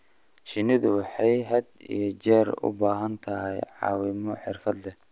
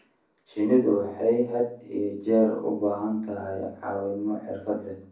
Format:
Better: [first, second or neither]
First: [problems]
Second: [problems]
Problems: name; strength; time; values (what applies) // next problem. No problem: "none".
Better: first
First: none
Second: room echo; dies away in 0.6 s